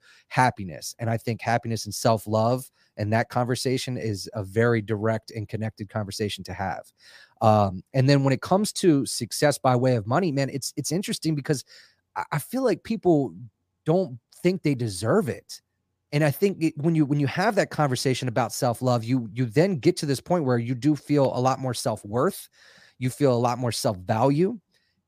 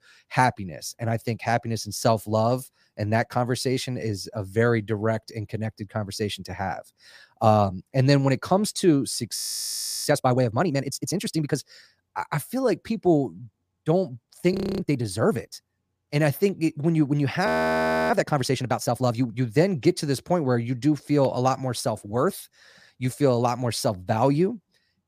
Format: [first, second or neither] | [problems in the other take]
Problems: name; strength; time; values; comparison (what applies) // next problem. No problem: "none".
first | audio freezing; at 9.5 s for 0.5 s, at 15 s and at 17 s for 0.5 s